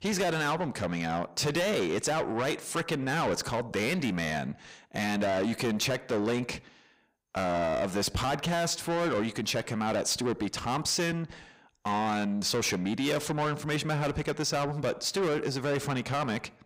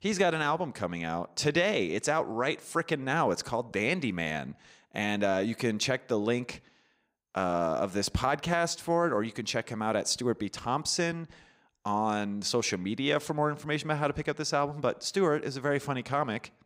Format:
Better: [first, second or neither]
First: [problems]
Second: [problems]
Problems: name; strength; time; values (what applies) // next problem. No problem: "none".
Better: second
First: distortion; heavy; 6 dB below the speech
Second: none